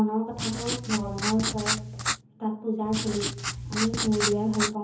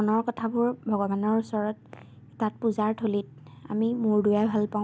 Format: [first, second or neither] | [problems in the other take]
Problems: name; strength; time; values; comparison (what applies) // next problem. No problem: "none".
second | background sound (Writing); 2 dB below the speech // room echo; dies away in 0.7 s